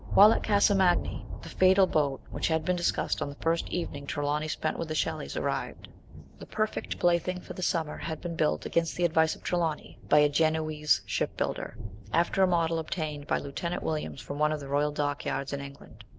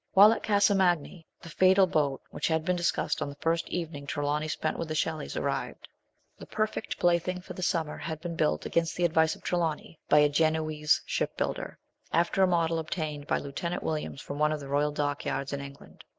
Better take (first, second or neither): second